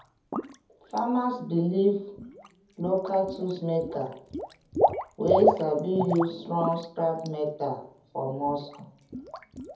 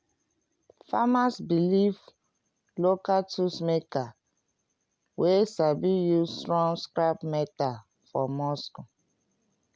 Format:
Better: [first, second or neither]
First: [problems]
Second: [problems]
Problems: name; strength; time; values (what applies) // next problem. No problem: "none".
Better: second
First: background sound (Water / Liquid); 4 dB below the speech // room echo; dies away in 0.6 s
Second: none